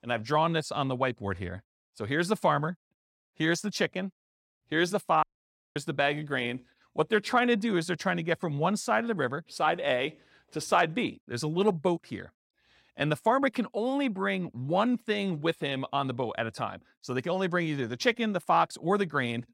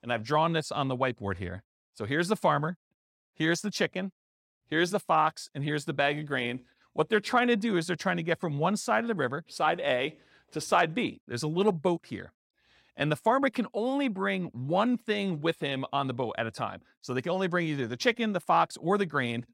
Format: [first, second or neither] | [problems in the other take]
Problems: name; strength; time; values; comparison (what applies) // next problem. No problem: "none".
second | audio cutting out; at 5 s for 0.5 s